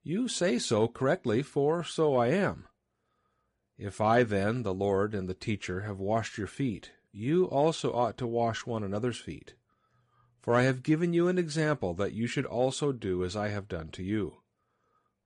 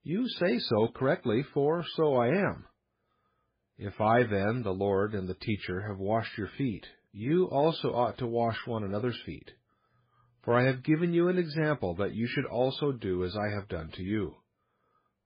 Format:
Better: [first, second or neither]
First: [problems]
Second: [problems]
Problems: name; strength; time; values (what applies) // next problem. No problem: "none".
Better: first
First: garbled, watery; slightly; nothing above 10 kHz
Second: garbled, watery; badly; nothing above 5 kHz